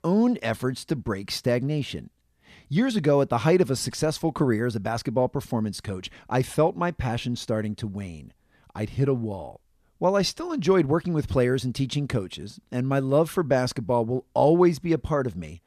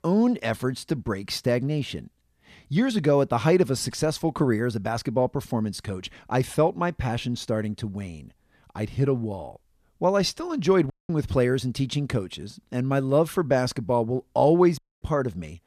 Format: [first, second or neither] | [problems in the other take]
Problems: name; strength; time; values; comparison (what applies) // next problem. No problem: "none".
first | audio cutting out; at 11 s and at 15 s